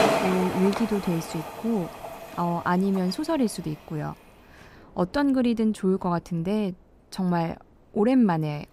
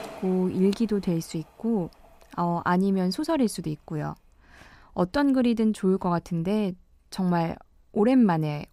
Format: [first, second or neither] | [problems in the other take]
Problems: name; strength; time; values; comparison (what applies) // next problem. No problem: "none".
second | train or aircraft noise; loud; throughout; 7 dB below the speech; faint in the second